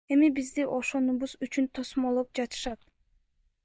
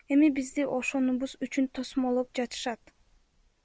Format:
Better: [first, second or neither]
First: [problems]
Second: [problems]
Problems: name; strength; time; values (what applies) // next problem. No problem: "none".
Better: second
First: noise reduction (neural mask model DeepFilterNet 3)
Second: none